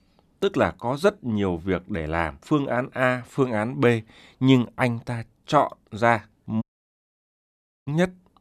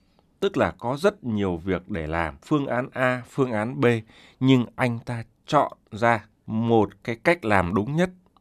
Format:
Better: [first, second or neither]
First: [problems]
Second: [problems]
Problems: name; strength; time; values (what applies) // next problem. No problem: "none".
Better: second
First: audio cutting out; at 6.5 s for 1 s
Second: none